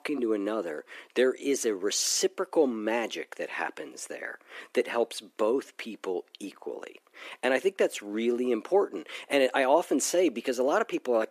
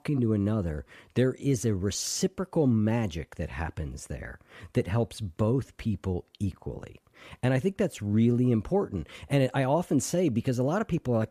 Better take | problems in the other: second | thin; somewhat; fading below 300 Hz

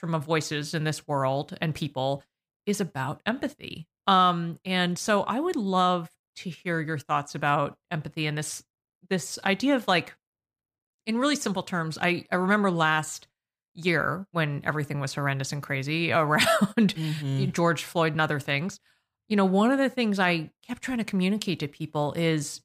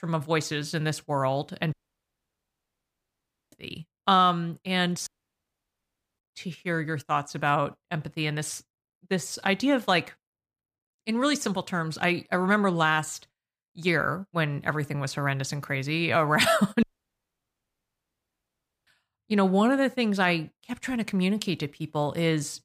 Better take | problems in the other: first | audio cutting out; at 1.5 s for 2 s, at 5 s for 1 s and at 17 s for 2 s

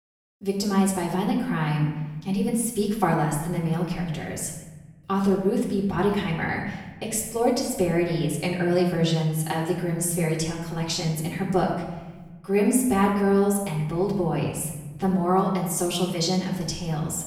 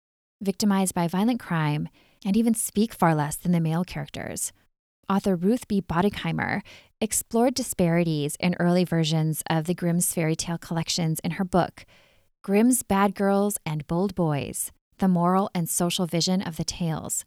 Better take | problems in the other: second | off-mic speech; far // room echo; noticeable; dies away in 1.1 s

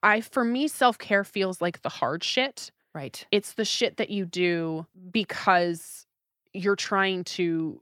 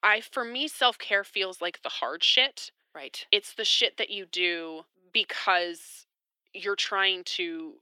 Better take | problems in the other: first | thin; very; fading below 350 Hz

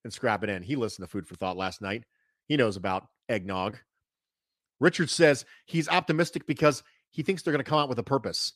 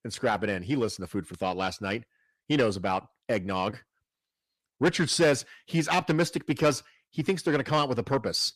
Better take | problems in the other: first | distortion; slight; 10 dB below the speech

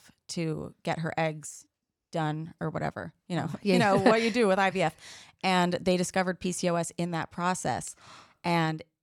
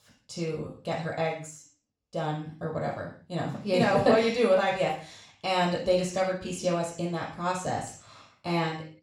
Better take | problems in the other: first | room echo; noticeable; dies away in 0.4 s // off-mic speech; far

